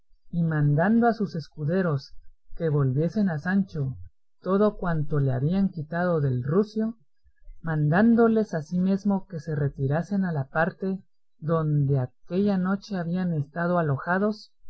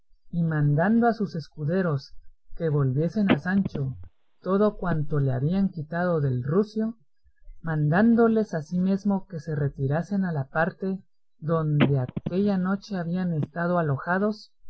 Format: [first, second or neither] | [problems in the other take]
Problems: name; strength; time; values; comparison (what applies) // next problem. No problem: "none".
first | background sound (Telephone); 7 dB below the speech